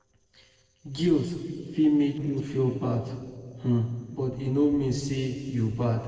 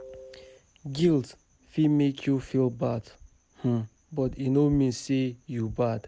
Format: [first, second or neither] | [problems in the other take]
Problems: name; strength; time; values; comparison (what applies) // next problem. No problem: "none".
second | noise reduction (neural separator model SepFormer DNS4)